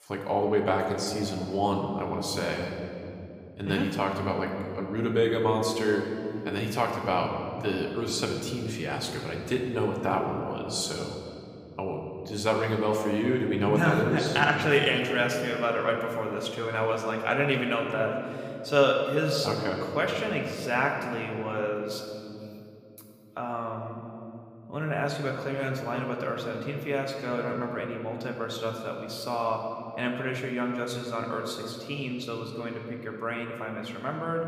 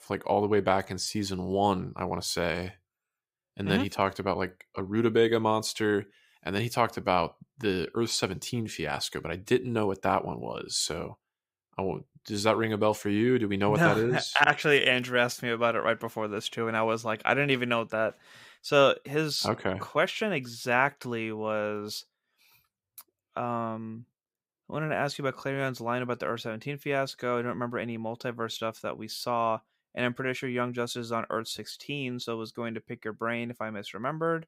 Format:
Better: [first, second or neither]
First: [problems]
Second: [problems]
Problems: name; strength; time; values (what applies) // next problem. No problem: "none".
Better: second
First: room echo; noticeable; dies away in 2.6 s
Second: none